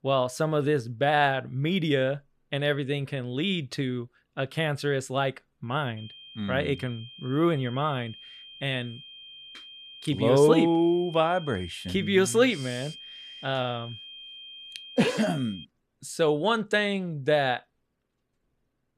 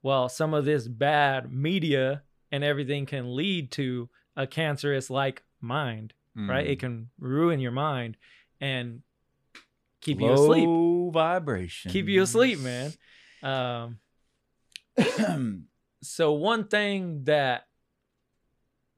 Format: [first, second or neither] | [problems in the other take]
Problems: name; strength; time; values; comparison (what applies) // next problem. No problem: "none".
second | high-pitched whine; noticeable; from 6 to 16 s; 3 kHz, 15 dB below the speech